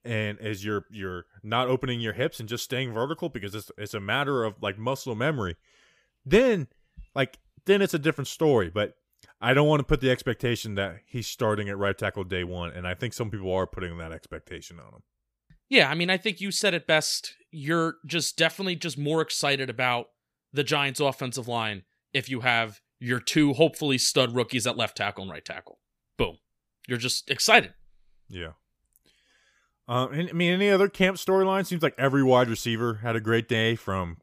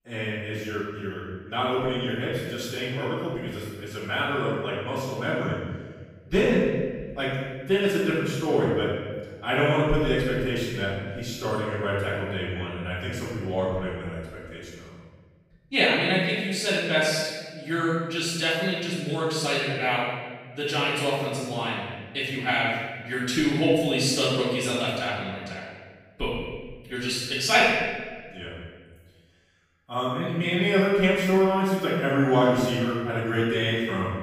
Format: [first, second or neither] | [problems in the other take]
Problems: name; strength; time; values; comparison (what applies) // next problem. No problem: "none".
first | off-mic speech; far // room echo; strong; dies away in 1.3 s